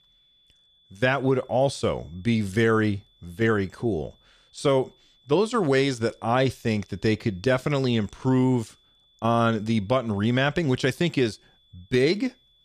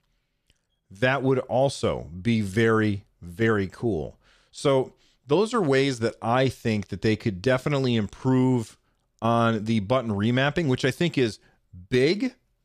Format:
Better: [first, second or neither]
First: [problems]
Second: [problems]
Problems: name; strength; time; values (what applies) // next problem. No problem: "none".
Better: second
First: high-pitched whine; faint; throughout; 3.5 kHz, 35 dB below the speech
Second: none